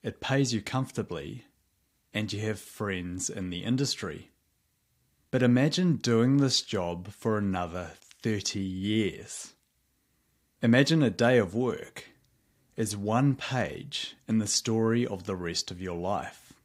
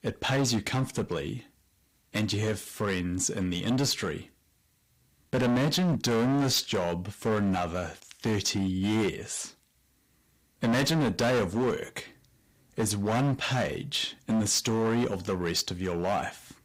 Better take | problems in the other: first | distortion; heavy; 14% of the sound clipped

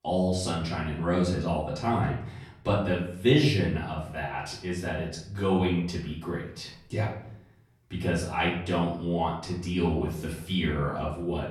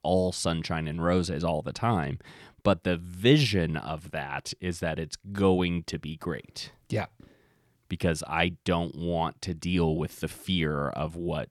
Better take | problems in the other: second | off-mic speech; far // room echo; noticeable; dies away in 0.6 s

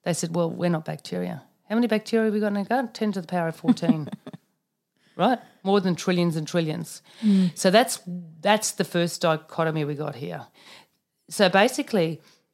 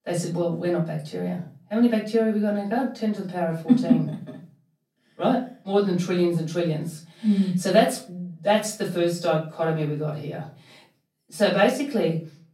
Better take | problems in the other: first | off-mic speech; far // room echo; slight; dies away in 0.4 s

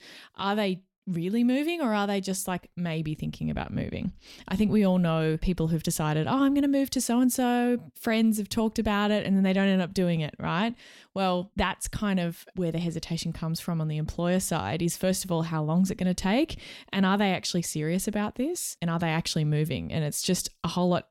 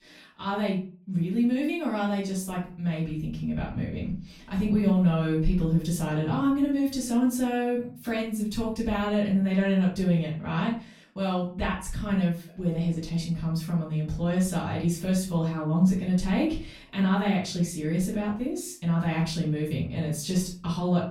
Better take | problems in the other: first | off-mic speech; far // room echo; slight; dies away in 0.4 s

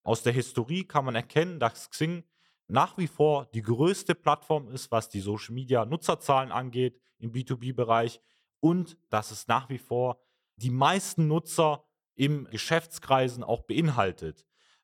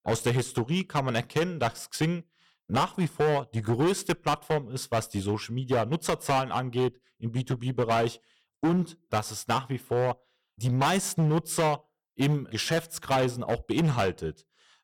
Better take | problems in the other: first | distortion; heavy; 10% of the sound clipped

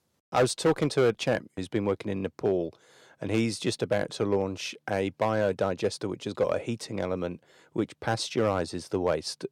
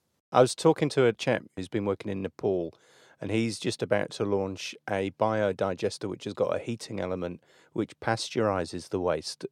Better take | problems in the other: second | distortion; slight; 2% of the sound clipped

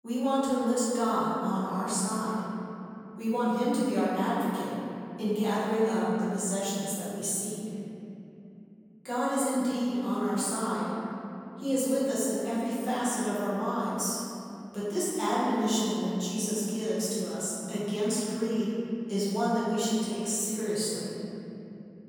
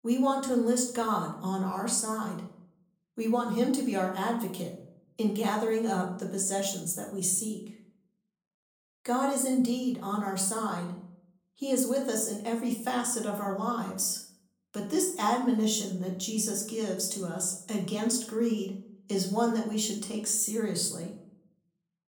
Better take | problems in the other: second | room echo; strong; dies away in 3 s; slight in the second // off-mic speech; far; far in the second

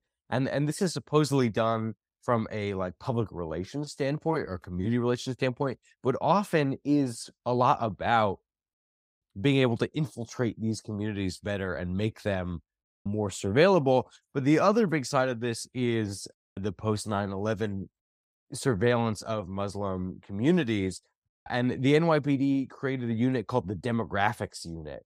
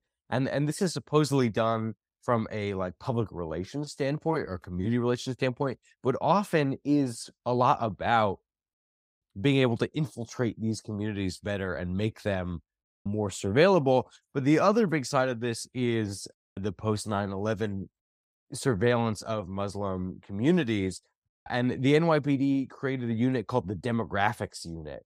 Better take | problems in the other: neither | none

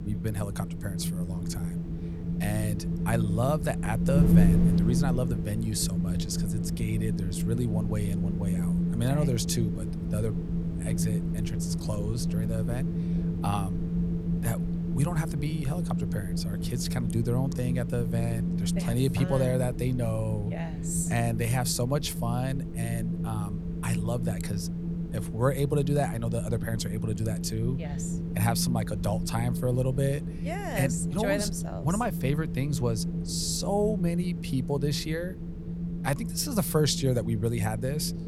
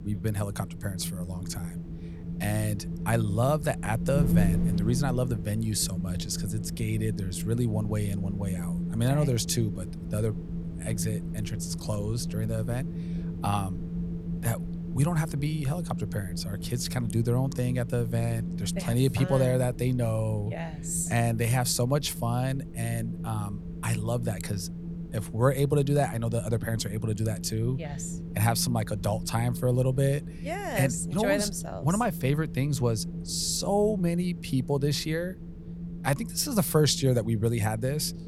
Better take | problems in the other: second | wind noise on the microphone; heavy; 6 dB below the speech; occasional gusts in the second

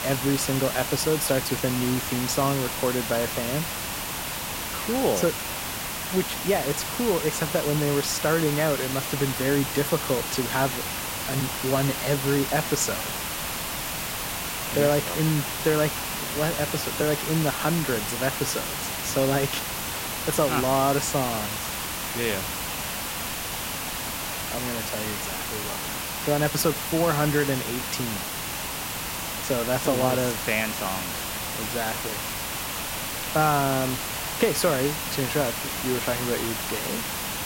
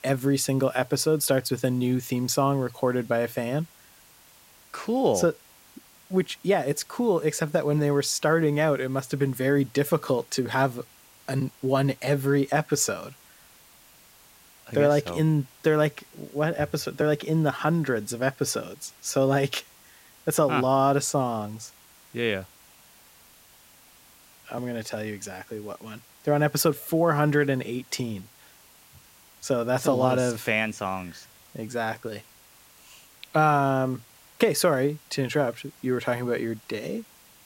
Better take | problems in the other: second | hiss; loud; throughout; 2 dB below the speech; faint in the second

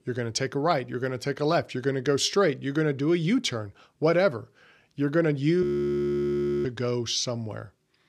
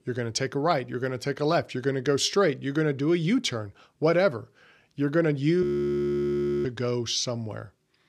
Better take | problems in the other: neither | audio freezing; at 5.5 s for 1 s; the same in both

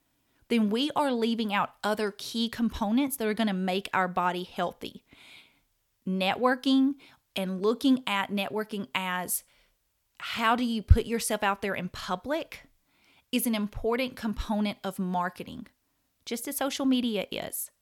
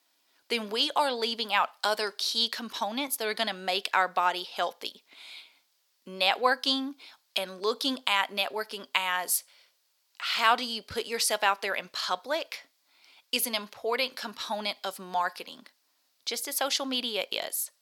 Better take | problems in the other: first | thin; somewhat; fading below 550 Hz

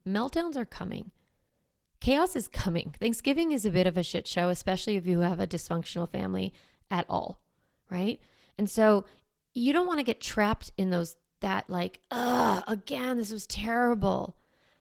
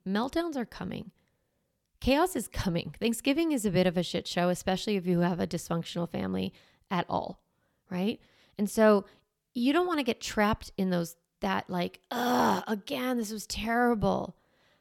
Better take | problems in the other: second | garbled, watery; slightly; nothing above 18.5 kHz

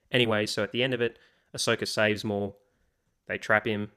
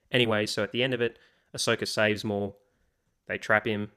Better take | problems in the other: neither | none

